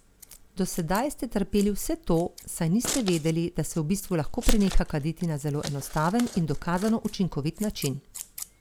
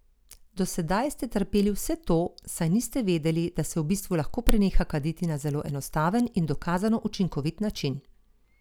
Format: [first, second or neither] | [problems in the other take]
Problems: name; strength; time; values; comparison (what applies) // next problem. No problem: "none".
second | background sound (Scissors); 15 dB below the speech